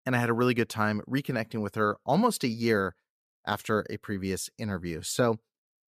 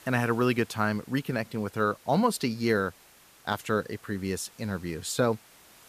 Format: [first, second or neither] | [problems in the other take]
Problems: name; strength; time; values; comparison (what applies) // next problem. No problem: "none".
first | hiss; faint; throughout; 25 dB below the speech